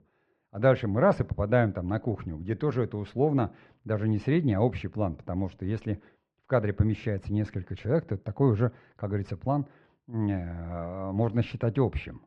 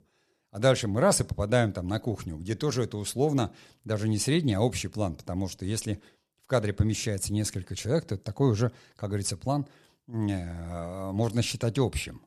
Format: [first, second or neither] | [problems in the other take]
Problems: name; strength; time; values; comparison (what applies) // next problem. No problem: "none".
second | muffled; very; fading above 2 kHz